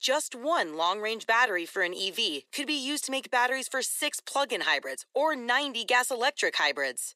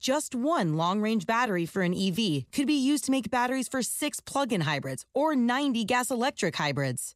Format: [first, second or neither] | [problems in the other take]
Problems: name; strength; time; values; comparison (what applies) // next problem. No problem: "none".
second | thin; very; fading below 400 Hz